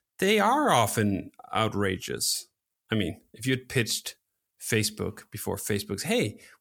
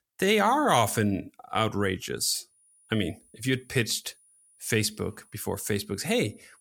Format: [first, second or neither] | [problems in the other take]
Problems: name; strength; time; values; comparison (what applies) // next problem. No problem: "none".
first | high-pitched whine; faint; from 2.5 s on; 9.5 kHz, 30 dB below the speech